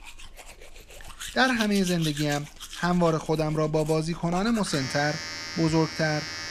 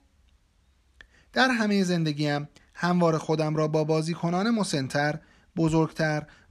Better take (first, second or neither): second